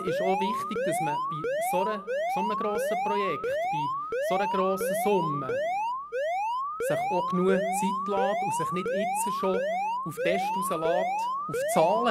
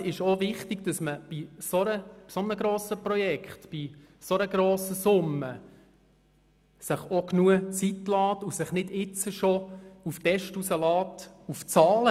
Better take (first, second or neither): second